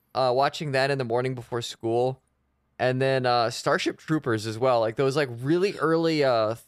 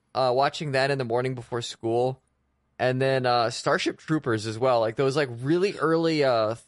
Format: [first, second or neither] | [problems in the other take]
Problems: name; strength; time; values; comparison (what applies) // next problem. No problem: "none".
first | garbled, watery; slightly; nothing above 11 kHz